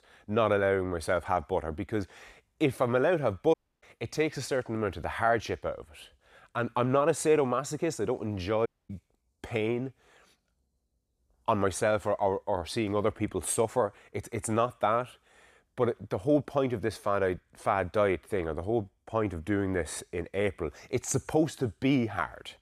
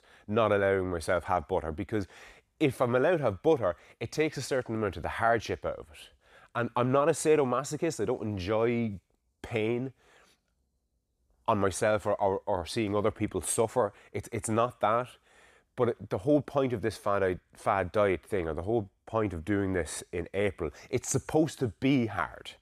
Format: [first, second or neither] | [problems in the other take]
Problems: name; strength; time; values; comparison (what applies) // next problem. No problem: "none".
second | audio cutting out; at 3.5 s and at 8.5 s